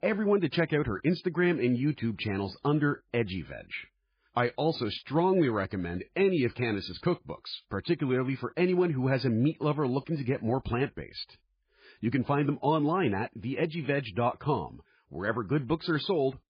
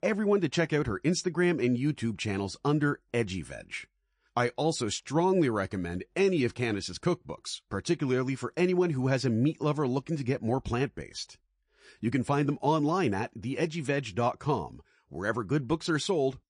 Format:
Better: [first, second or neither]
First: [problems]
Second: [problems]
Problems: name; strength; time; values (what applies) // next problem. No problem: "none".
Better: second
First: garbled, watery; badly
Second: garbled, watery; slightly